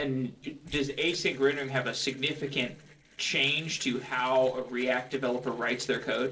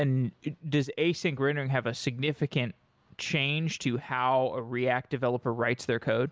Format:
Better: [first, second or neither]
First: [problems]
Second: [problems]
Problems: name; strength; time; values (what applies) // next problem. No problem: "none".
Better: second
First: noise reduction (neural separator model SepFormer DNS4)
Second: none